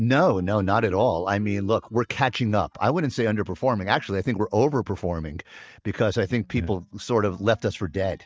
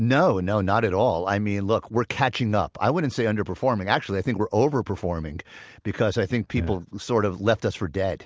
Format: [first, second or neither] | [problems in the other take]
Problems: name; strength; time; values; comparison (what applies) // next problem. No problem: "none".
second | noise reduction (neural mask model DeepFilterNet 3)